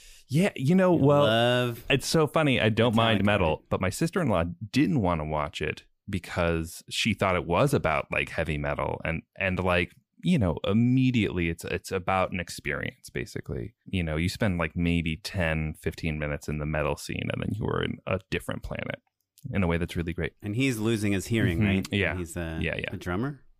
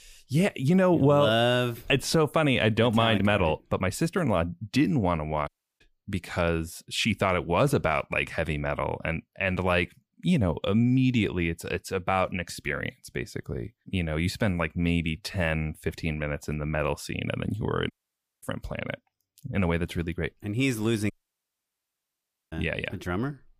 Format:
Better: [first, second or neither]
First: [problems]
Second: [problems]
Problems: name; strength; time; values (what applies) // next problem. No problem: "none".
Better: first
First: none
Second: audio cutting out; at 5.5 s, at 18 s for 0.5 s and at 21 s for 1.5 s